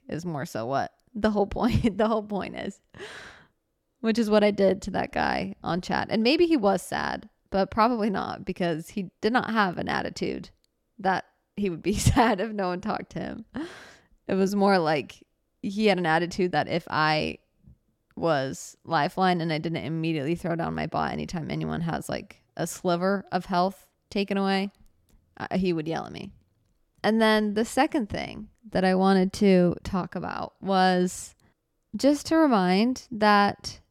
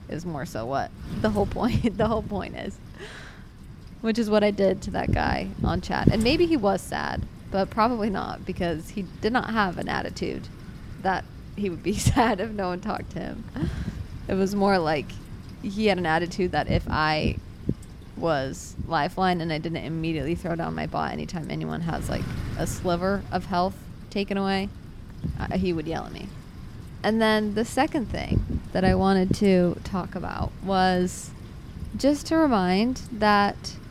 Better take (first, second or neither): first